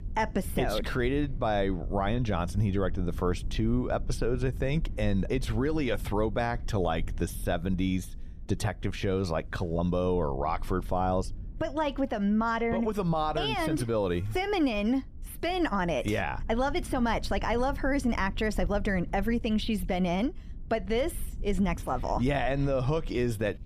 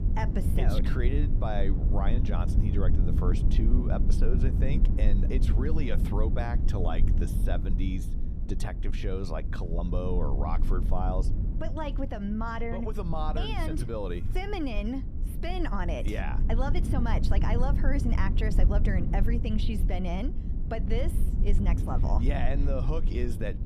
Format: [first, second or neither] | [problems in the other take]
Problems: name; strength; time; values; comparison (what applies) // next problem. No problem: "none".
first | low rumble; loud; throughout; 7 dB below the speech; faint in the first